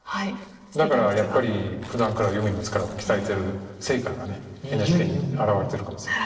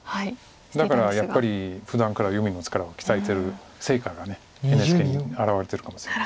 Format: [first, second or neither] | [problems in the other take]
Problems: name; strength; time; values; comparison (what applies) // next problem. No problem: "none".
second | noise reduction (neural separator model SepFormer DNS4)